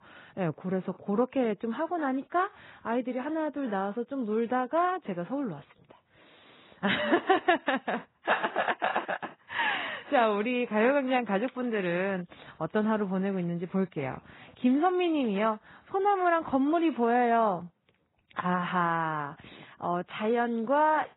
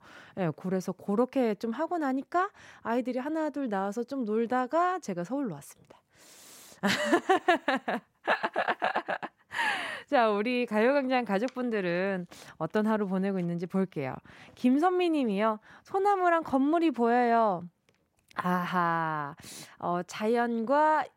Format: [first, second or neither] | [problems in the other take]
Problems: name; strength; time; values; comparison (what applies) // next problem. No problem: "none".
second | garbled, watery; badly; nothing above 4 kHz